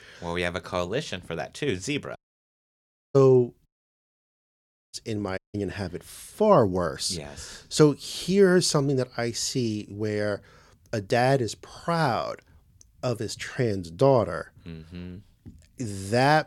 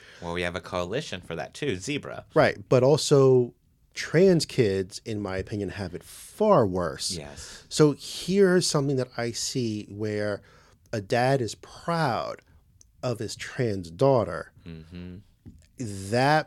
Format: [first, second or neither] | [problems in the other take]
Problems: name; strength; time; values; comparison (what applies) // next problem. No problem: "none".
second | audio cutting out; at 2 s for 1 s, at 3.5 s for 1.5 s and at 5.5 s